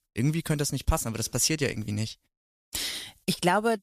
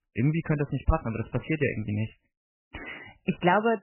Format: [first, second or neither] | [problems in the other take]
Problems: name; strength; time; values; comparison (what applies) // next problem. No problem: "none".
first | garbled, watery; badly; nothing above 3 kHz